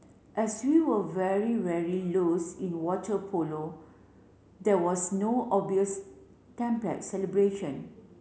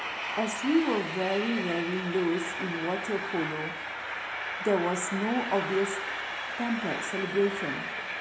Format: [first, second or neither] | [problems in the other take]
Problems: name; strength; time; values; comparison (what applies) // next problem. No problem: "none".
first | background sound (Train); 4 dB below the speech